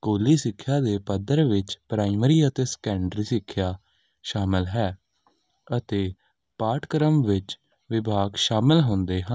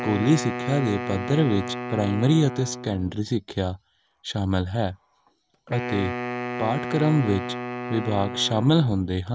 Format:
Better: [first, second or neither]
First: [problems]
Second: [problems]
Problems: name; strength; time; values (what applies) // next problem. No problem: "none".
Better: first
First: none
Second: background sound (Wind instrument, woodwind instrument); 8 dB below the speech